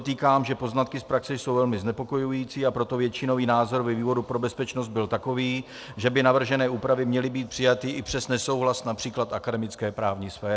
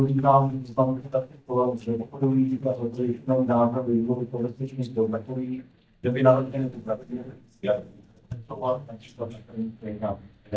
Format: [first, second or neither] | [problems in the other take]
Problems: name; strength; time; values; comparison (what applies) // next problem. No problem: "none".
first | noise reduction (neural mask model DeepFilterNet 3)